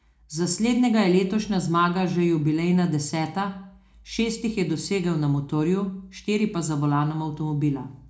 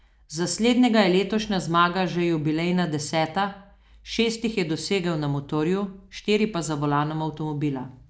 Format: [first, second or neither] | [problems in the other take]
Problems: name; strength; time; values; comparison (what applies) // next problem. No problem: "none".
second | room echo; dies away in 0.3 s